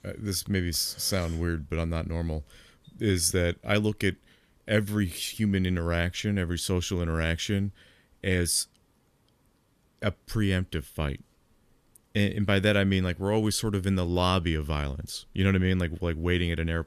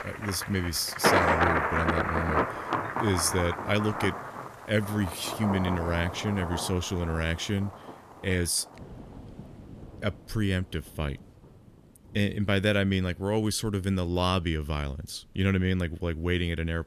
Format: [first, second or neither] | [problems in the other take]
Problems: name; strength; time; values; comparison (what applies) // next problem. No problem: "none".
first | rain or running water; loud; throughout; 1 dB below the speech